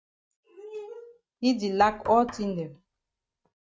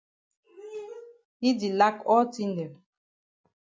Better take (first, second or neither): second